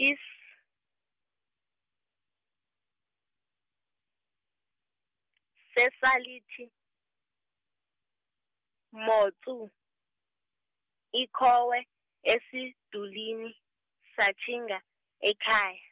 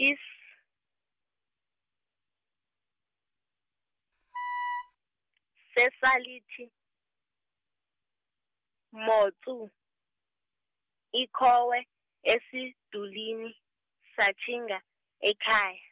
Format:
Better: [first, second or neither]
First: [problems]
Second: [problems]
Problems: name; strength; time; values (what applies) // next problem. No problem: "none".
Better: first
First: none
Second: background sound (Wind instrument, woodwind instrument); 3 dB below the speech